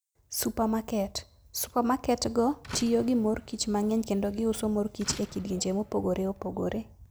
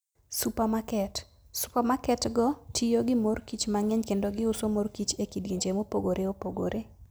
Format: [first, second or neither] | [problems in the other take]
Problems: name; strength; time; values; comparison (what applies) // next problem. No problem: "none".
second | background sound (Slam); 18 dB below the speech